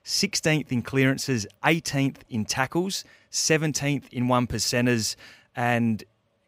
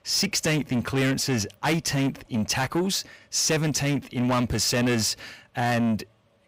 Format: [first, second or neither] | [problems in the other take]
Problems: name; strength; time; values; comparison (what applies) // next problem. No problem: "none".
first | distortion; heavy; 7 dB below the speech